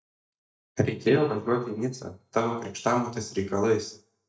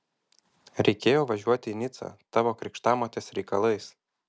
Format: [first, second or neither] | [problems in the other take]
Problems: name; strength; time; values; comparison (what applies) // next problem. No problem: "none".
second | noise reduction (neural mask model DeepFilterNet 3)